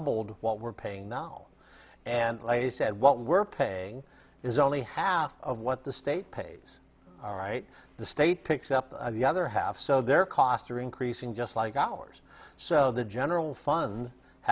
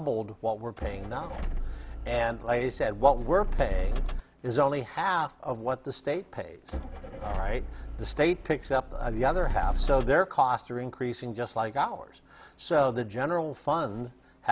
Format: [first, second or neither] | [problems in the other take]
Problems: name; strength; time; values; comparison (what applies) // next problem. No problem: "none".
first | background sound (Motor vehicle (road)); 2 dB below the speech